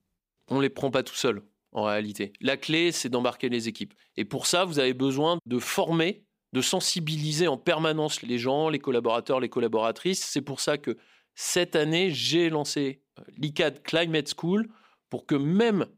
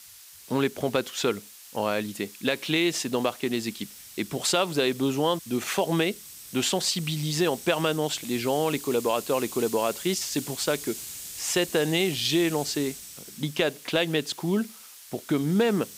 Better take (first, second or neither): first